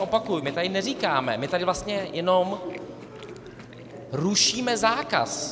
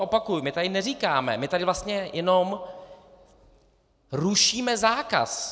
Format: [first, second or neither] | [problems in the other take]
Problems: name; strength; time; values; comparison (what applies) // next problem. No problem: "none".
second | background sound (Chewing, mastication); 12 dB below the speech